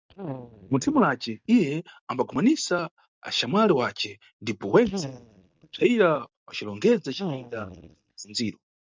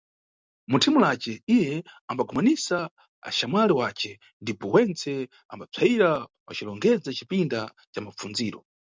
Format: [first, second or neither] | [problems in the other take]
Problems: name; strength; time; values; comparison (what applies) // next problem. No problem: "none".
second | noise reduction (neural mask model DeepFilterNet 3)